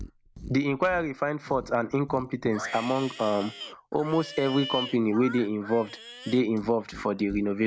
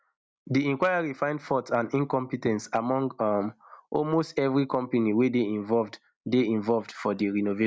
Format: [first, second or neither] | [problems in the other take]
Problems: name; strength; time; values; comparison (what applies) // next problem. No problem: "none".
second | background sound (Livestock, farm animals, working animals); 14 dB below the speech